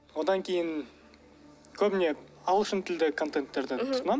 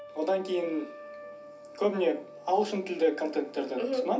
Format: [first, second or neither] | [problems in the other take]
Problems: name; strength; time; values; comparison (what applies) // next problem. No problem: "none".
first | background sound (Trumpet); 17 dB below the speech // room echo; dies away in 0.3 s